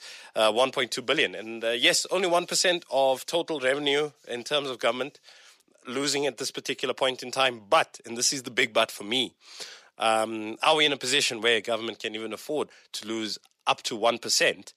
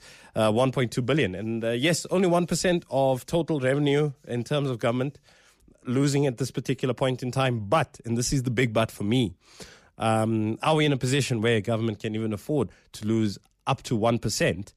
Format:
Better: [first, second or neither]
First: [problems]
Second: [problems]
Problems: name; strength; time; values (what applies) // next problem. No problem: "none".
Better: second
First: thin; somewhat; fading below 500 Hz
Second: none